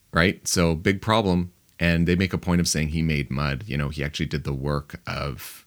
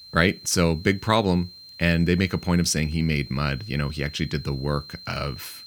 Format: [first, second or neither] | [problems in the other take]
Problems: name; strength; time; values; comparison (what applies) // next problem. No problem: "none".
first | high-pitched whine; noticeable; throughout; 4 kHz, 15 dB below the speech